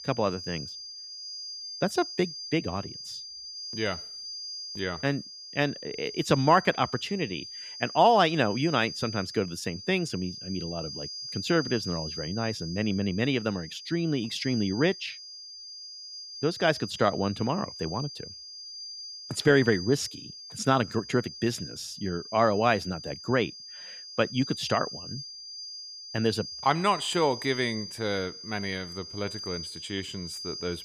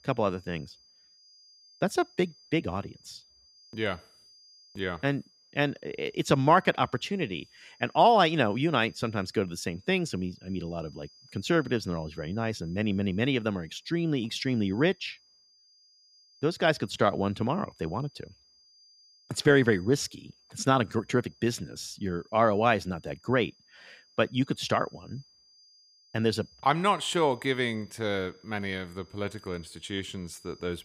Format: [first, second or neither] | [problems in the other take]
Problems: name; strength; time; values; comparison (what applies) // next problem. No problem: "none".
second | high-pitched whine; loud; throughout; 5 kHz, 10 dB below the speech; faint in the second